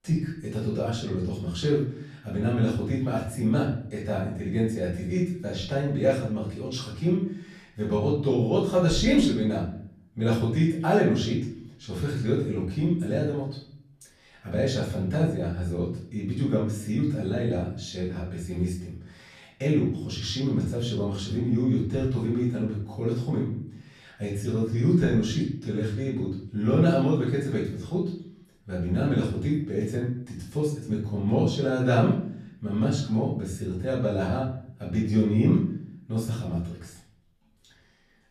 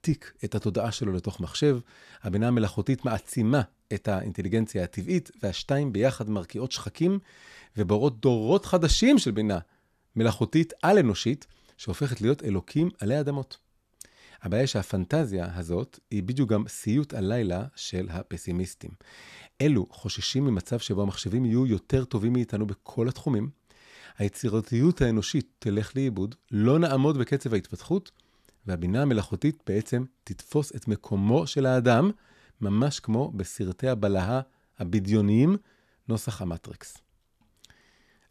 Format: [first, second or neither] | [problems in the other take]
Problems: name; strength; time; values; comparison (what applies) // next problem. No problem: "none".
second | off-mic speech; far // room echo; noticeable; dies away in 0.6 s